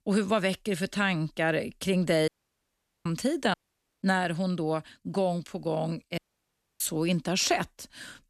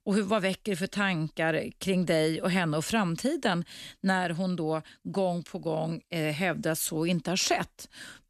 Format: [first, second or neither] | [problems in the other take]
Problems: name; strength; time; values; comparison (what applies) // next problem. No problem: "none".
second | audio cutting out; at 2.5 s for 1 s, at 3.5 s and at 6 s for 0.5 s